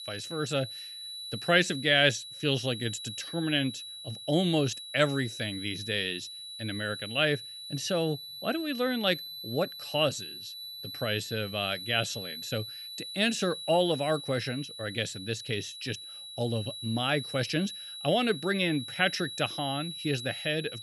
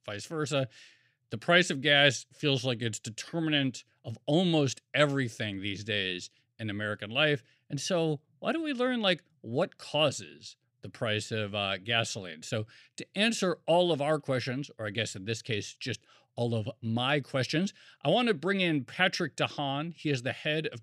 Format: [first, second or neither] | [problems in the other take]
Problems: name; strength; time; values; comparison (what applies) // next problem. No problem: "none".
second | high-pitched whine; loud; throughout; 4 kHz, 9 dB below the speech